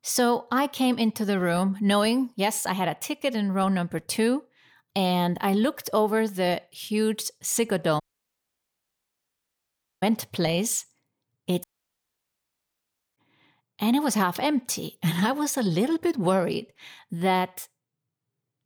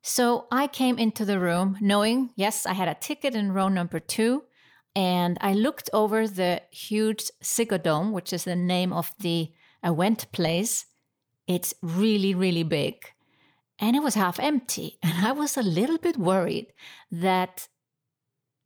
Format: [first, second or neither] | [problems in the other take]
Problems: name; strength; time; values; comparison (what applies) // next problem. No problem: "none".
second | audio cutting out; at 8 s for 2 s and at 12 s for 1.5 s